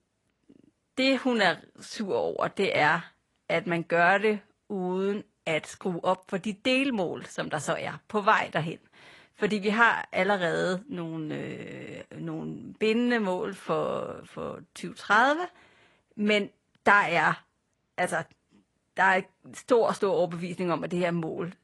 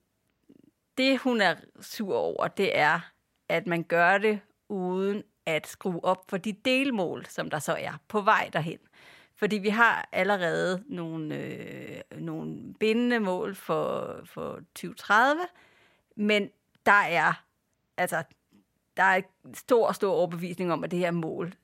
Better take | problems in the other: second | garbled, watery; slightly; nothing above 10.5 kHz

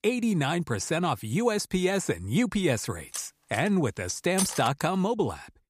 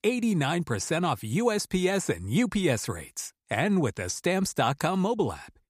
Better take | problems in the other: second | clattering dishes; noticeable; from 3 to 4.5 s; peak 3 dB below the speech

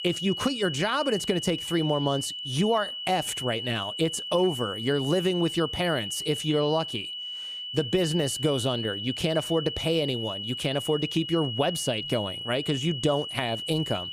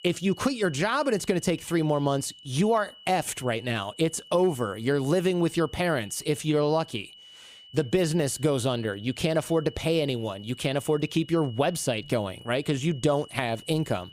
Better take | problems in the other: second | high-pitched whine; loud; throughout; 3 kHz, 5 dB below the speech; faint in the second

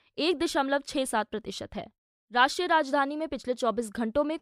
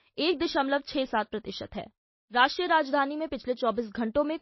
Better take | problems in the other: first | garbled, watery; slightly; nothing above 5.5 kHz

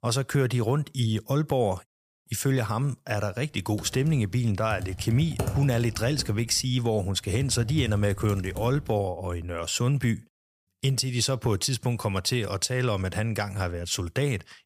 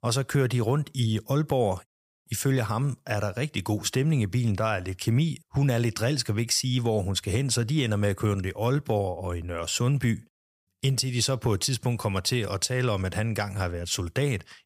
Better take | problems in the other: second | keyboard typing; noticeable; from 4 to 9 s; peak 4 dB below the speech

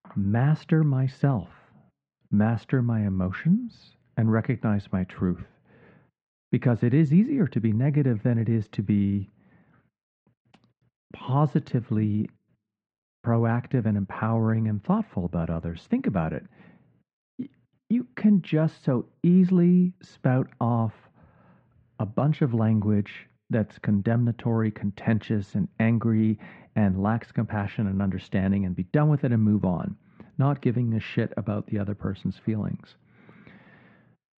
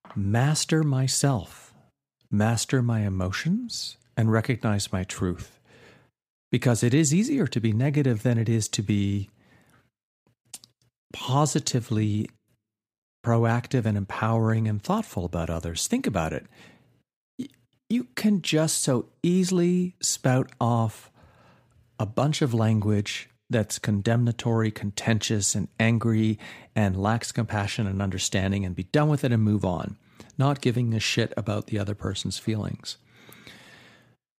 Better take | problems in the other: second | muffled; very; fading above 2 kHz

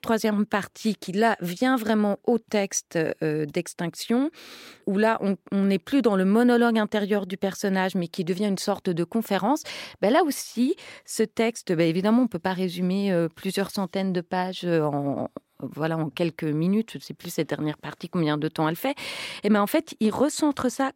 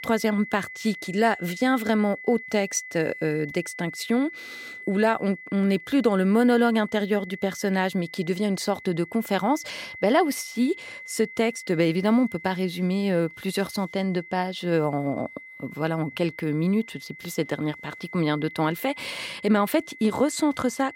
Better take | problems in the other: first | high-pitched whine; noticeable; throughout; 2 kHz, 15 dB below the speech

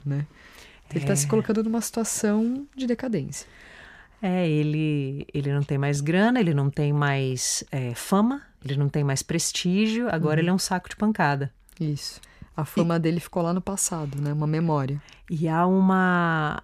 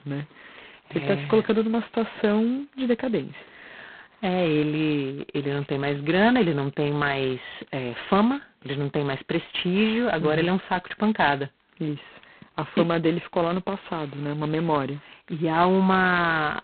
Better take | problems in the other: first | phone-call audio; poor line; nothing above 4 kHz

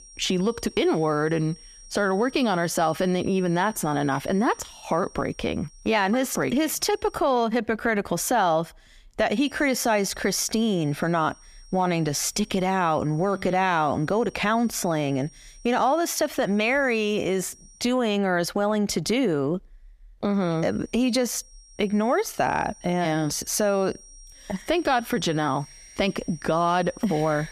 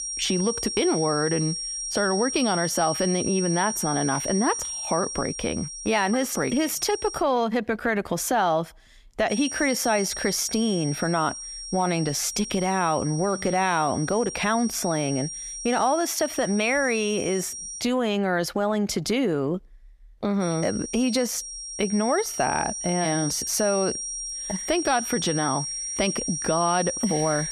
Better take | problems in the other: first | high-pitched whine; loud; until 7 s, from 9.5 to 18 s and from 20 s on; 5.5 kHz, 6 dB below the speech; faint in the first

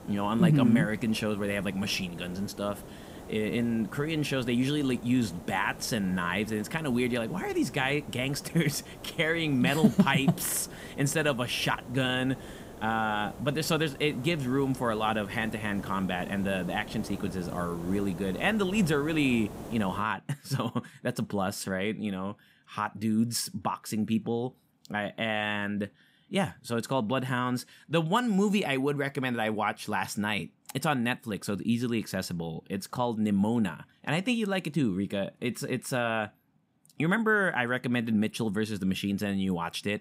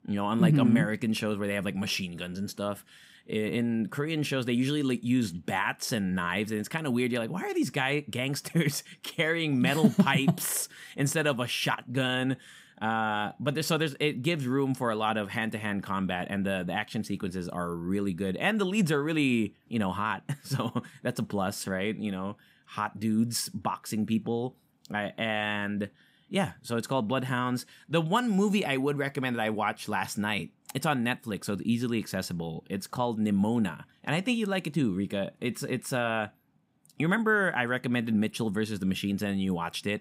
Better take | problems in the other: second | hiss; noticeable; until 20 s; 15 dB below the speech

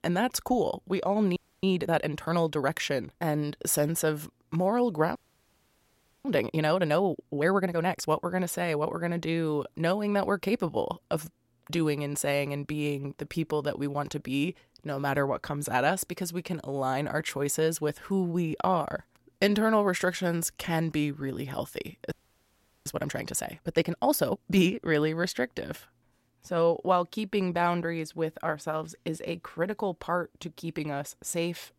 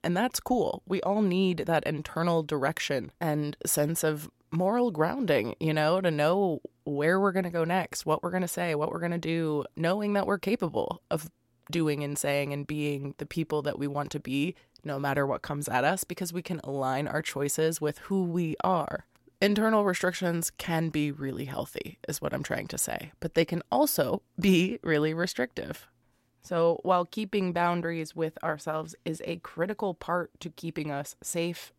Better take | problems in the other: second | audio freezing; at 1.5 s, at 5 s for 1 s and at 22 s for 0.5 s

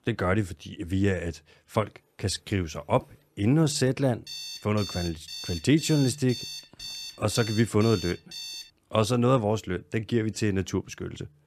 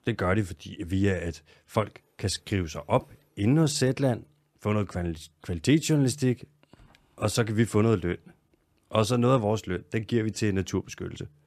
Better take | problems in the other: second | alarm; noticeable; from 4.5 to 8.5 s; peak 9 dB below the speech

